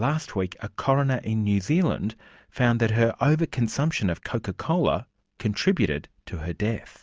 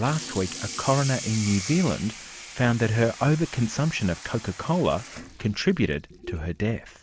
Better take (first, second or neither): first